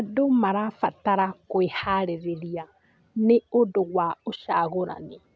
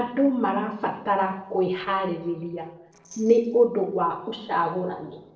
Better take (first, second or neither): first